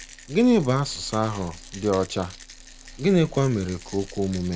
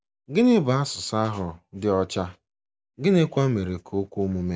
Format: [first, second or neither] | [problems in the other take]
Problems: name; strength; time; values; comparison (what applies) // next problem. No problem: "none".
second | background sound (Rattle); 18 dB below the speech